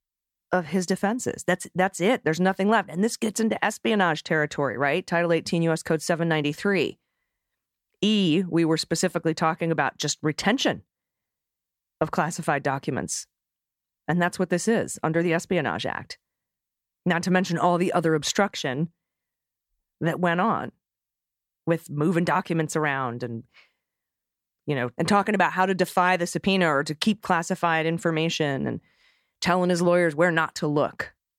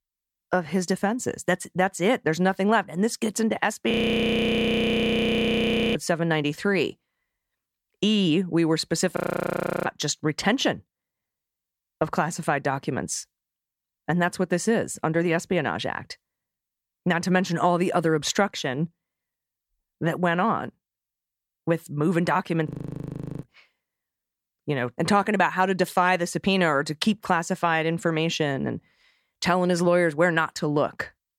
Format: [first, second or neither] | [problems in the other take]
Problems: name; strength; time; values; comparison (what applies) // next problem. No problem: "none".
first | audio freezing; at 4 s for 2 s, at 9 s for 0.5 s and at 23 s for 0.5 s